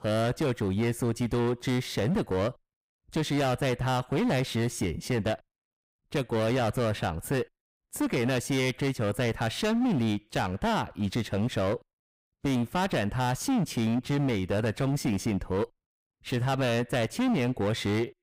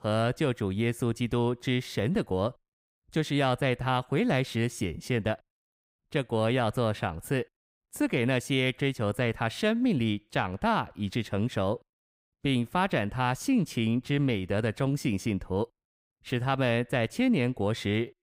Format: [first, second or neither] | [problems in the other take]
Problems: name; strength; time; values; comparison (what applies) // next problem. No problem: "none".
second | distortion; heavy; 17% of the sound clipped